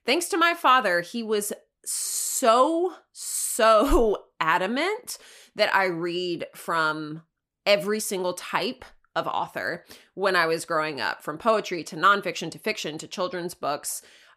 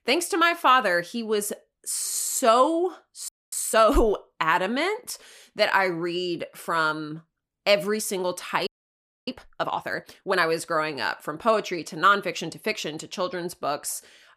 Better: first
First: none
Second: audio freezing; at 3.5 s and at 8.5 s for 0.5 s

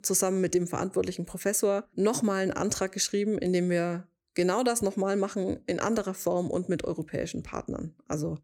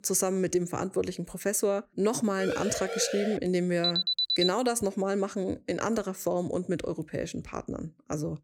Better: first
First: none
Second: siren; noticeable; at 2.5 s; peak 3 dB below the speech // alarm; loud; at 4 s; peak 5 dB above the speech

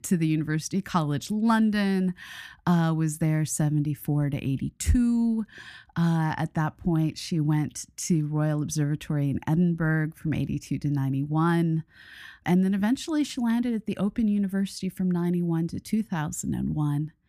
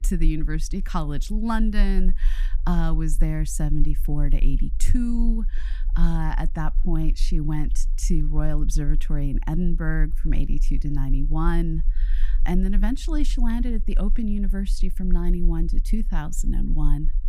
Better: first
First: none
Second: low rumble; faint; throughout; 20 dB below the speech

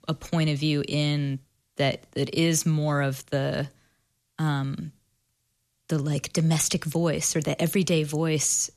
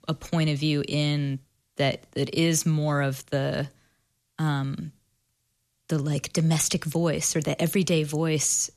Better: neither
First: none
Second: none

